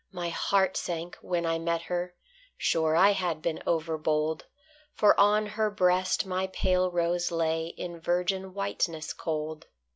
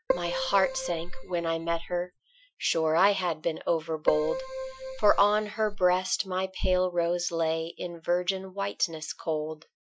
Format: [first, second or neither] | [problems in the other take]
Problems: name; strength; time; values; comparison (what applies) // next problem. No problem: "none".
first | noise reduction (classical method Wiener filter)